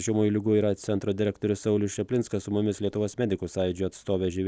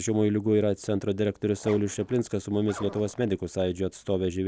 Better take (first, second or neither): first